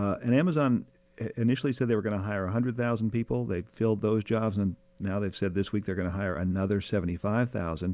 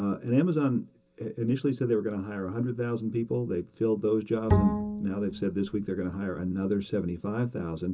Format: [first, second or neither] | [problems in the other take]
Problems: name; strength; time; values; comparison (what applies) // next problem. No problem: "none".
first | background sound (Bowed string instrument); 1 dB below the speech // room echo; dies away in 0.2 s